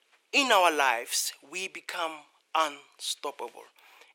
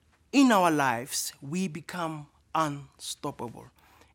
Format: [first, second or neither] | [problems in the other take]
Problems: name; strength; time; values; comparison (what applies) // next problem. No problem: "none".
second | thin; very; fading below 450 Hz